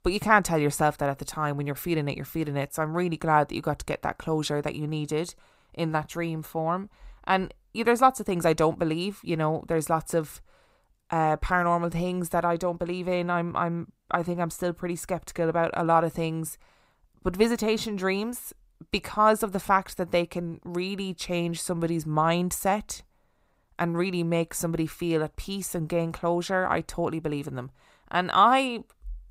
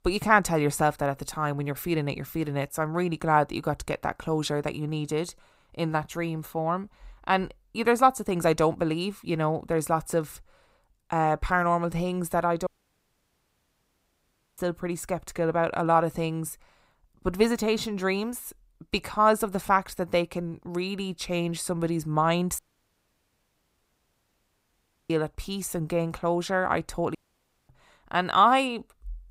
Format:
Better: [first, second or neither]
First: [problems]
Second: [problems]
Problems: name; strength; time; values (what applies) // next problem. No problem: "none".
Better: first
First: none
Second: audio cutting out; at 13 s for 2 s, at 23 s for 2.5 s and at 27 s for 0.5 s